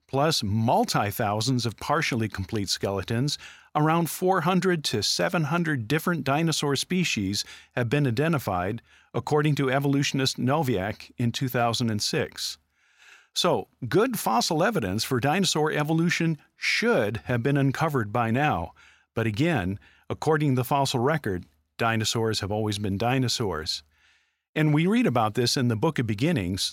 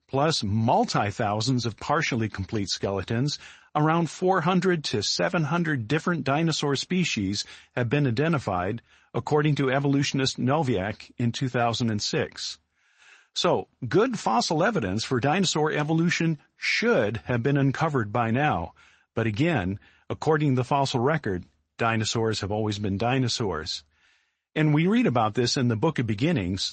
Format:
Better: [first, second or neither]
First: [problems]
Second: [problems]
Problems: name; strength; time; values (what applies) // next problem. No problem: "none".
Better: first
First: none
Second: garbled, watery; slightly; nothing above 8 kHz